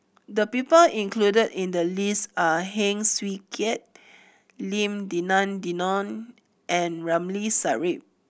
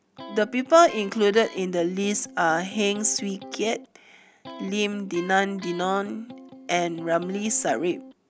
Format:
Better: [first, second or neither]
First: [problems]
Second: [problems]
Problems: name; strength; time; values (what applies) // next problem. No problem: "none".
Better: first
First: none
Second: background sound (Electric guitar); 18 dB below the speech